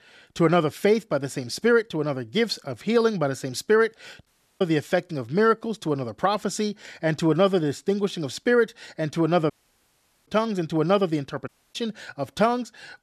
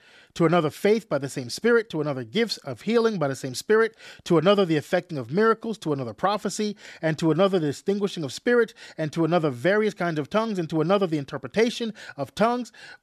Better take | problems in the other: second | audio cutting out; at 4.5 s, at 9.5 s for 1 s and at 11 s

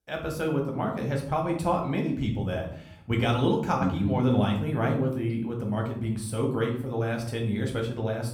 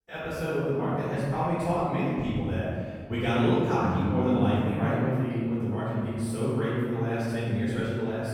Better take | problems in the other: first | room echo; strong; dies away in 1.6 s; slight in the first // off-mic speech; far; somewhat distant in the first

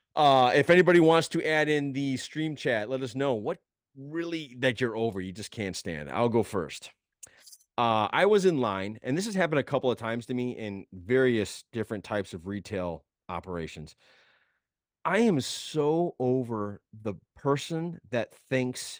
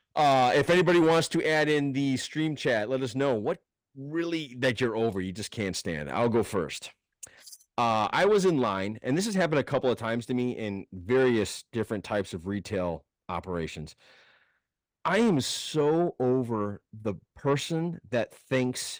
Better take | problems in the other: first | distortion; slight; 10 dB below the speech

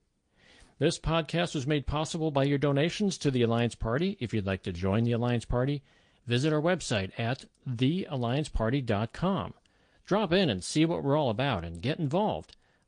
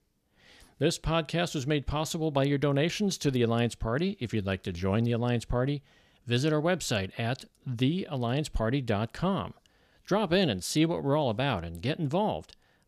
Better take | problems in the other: second | garbled, watery; slightly; nothing above 9 kHz

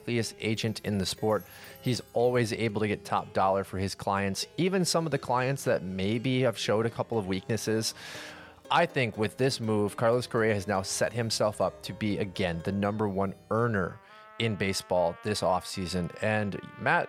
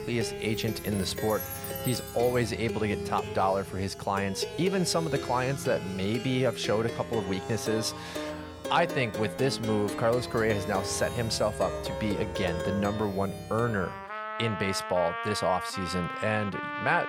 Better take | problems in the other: first | background music; loud; throughout; 6 dB below the speech; faint in the first

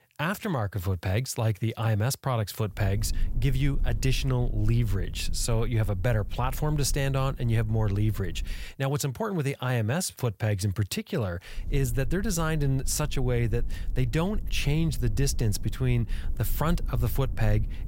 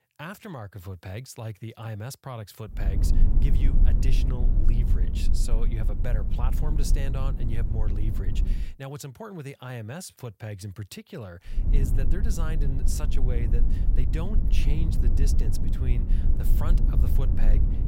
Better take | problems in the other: first | low rumble; loud; from 3 to 8.5 s and from 12 s on; 3 dB below the speech; faint in the first

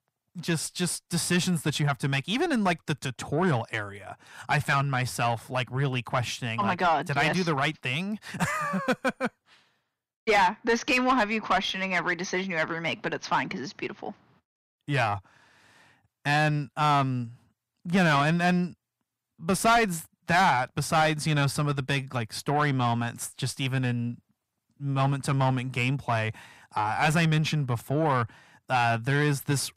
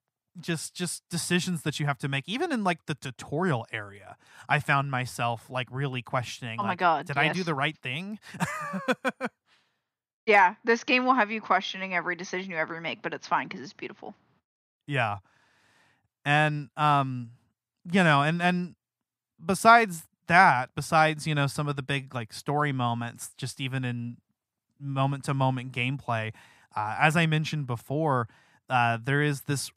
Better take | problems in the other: second | distortion; heavy; 7 dB below the speech

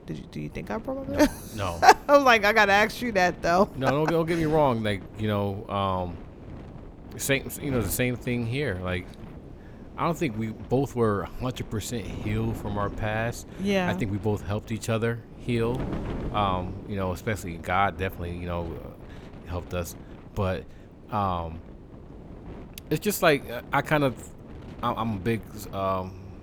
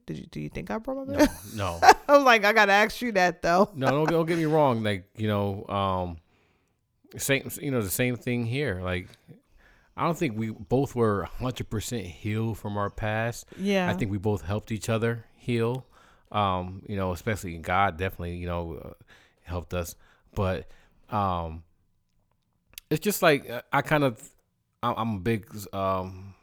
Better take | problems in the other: second | wind noise on the microphone; occasional gusts; 20 dB below the speech

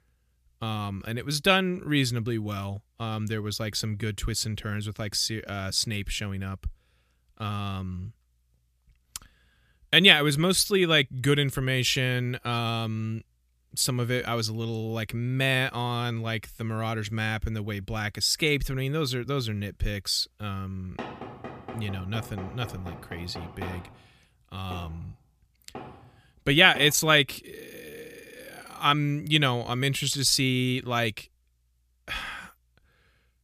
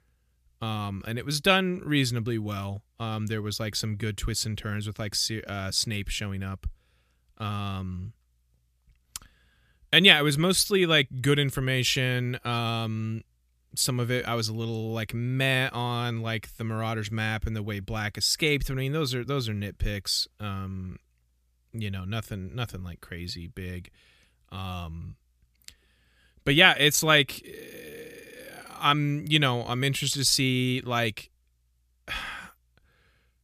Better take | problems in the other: second | door banging; faint; from 21 to 27 s; peak 10 dB below the speech

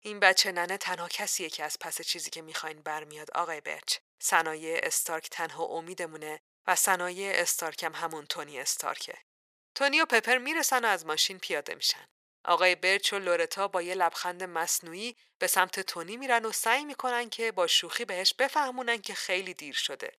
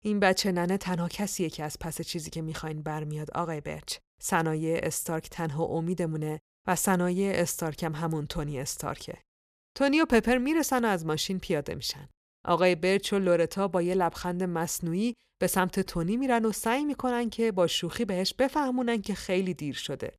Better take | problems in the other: second | thin; very; fading below 700 Hz

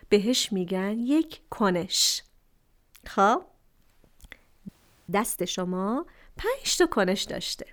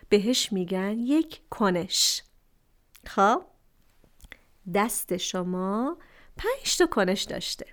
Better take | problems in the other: second | audio freezing; at 4.5 s

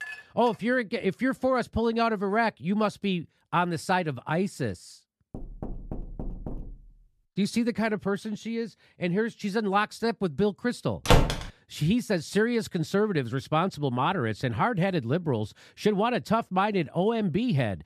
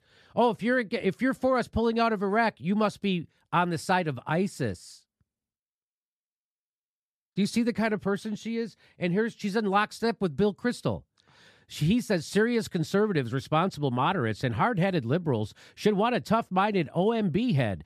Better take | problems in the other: second | clattering dishes; faint; at the start; peak 10 dB below the speech // door banging; faint; from 5.5 to 7 s; peak 10 dB below the speech // door banging; loud; at 11 s; peak 5 dB above the speech

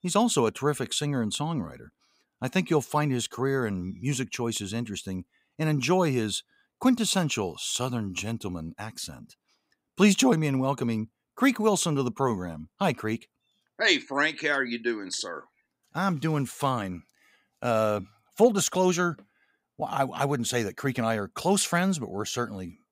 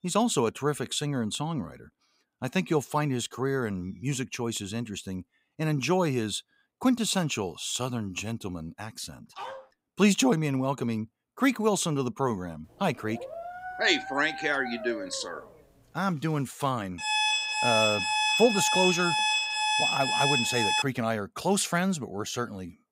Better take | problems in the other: first | dog barking; faint; at 9.5 s; peak 10 dB below the speech // dog barking; noticeable; from 13 to 16 s; peak 8 dB below the speech // alarm; loud; from 17 to 21 s; peak 5 dB above the speech

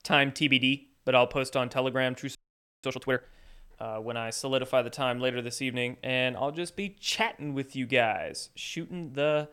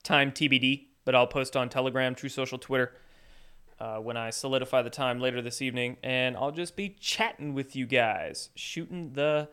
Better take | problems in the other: second | audio freezing; at 2.5 s

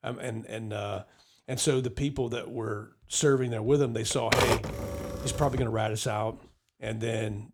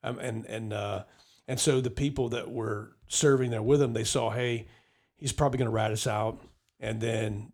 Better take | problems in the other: second | keyboard typing; loud; from 4 to 5.5 s; peak 5 dB above the speech

